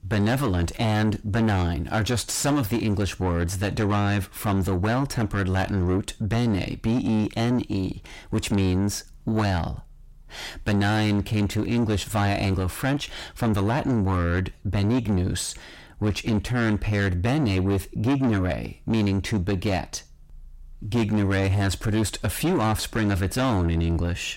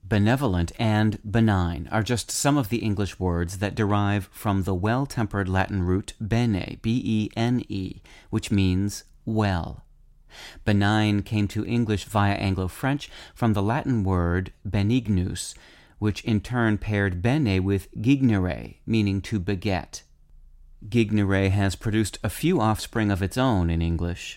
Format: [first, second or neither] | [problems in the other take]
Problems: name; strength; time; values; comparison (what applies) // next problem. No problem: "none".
second | distortion; heavy; 6 dB below the speech